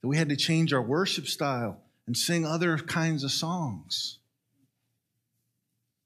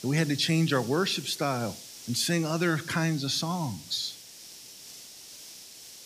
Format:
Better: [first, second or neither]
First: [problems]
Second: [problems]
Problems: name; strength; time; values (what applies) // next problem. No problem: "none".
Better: first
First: none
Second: hiss; noticeable; throughout; 15 dB below the speech